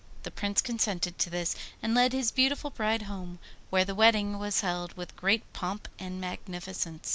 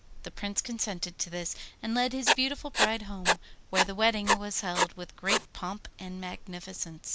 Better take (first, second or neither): first